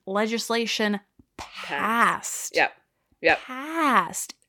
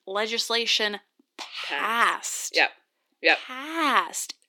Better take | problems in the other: first | thin; somewhat; fading below 300 Hz

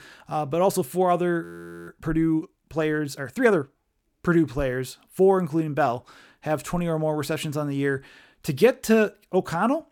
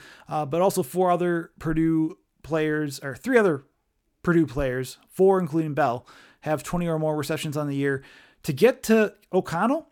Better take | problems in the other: second | audio freezing; at 1.5 s

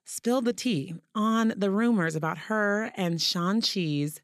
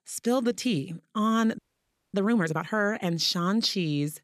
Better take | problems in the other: first | audio freezing; at 1.5 s for 0.5 s

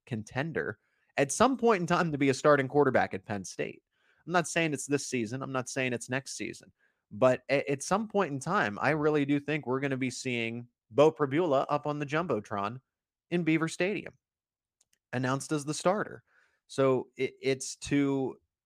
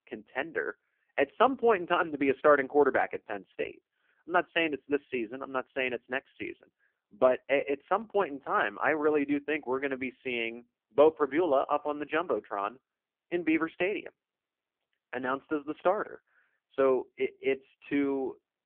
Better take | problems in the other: first | phone-call audio; poor line

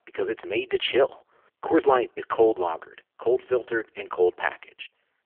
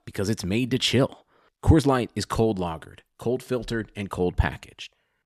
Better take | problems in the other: second | phone-call audio; poor line; nothing above 3.5 kHz

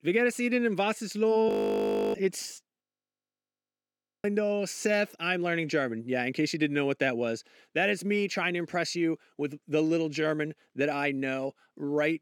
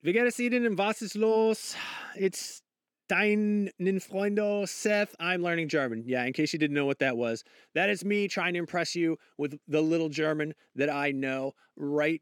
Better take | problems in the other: second | audio freezing; at 1.5 s for 0.5 s and at 3 s for 1.5 s

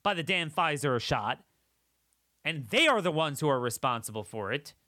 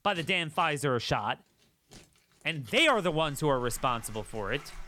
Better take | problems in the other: first | household noises; faint; throughout; 25 dB below the speech

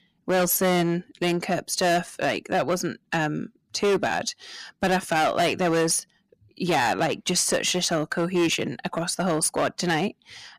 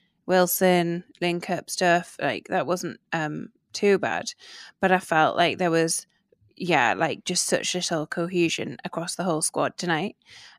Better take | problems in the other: second | distortion; heavy; 10% of the sound clipped

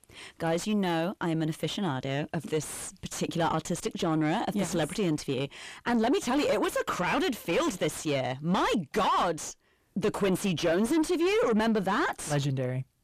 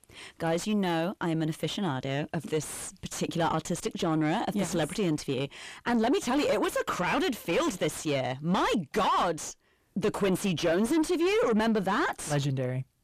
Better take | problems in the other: neither | distortion; heavy; 6 dB below the speech; the same in both

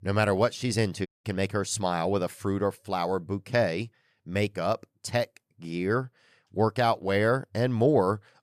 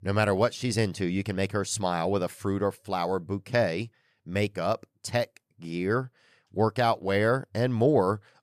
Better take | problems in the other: second | audio cutting out; at 1 s

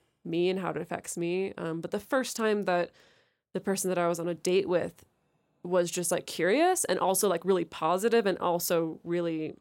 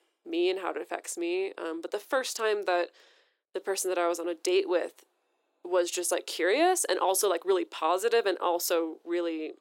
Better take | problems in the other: first | thin; very; fading below 350 Hz

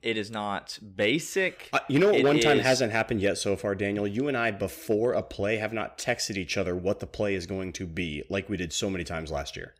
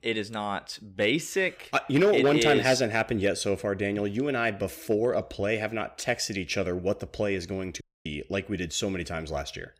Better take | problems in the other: first | audio cutting out; at 8 s

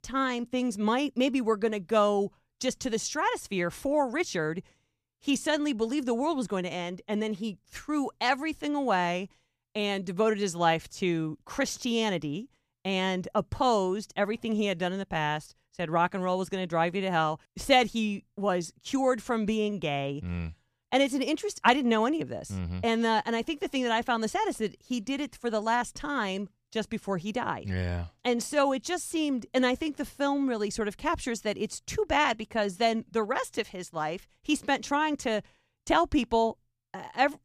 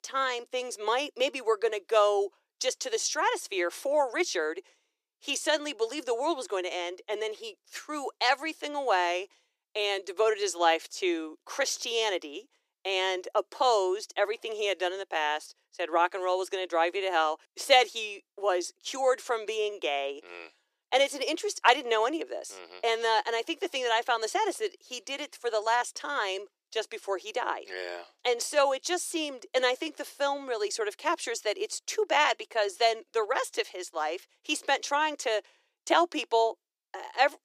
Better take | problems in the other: first | thin; very; fading below 350 Hz

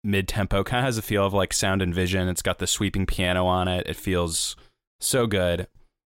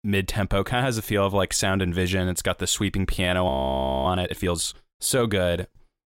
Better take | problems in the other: first | audio freezing; at 3.5 s for 0.5 s

